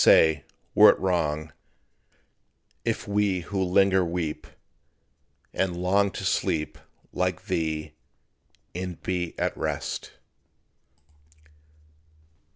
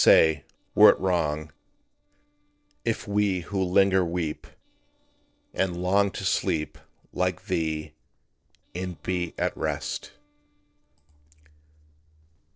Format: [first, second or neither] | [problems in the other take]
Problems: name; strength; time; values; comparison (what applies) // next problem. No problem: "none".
first | noise reduction (neural separator model SepFormer DNS4)